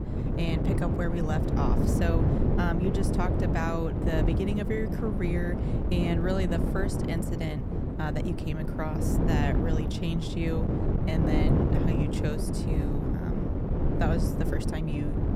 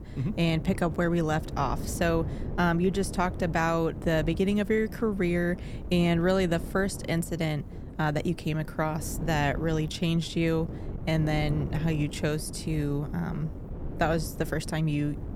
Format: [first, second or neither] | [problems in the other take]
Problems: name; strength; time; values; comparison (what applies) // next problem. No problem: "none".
second | wind noise on the microphone; heavy; as loud as the speech; occasional gusts in the second